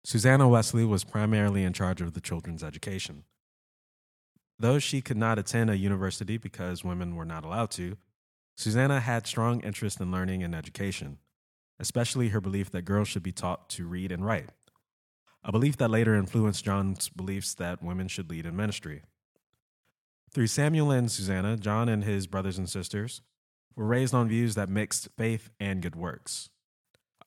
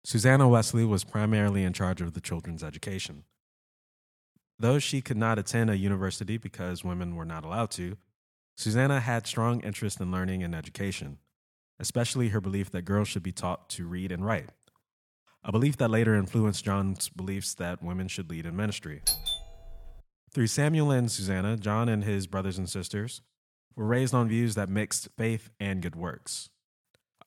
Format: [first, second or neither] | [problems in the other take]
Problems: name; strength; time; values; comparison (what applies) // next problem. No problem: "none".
first | doorbell; loud; at 19 s; peak 2 dB above the speech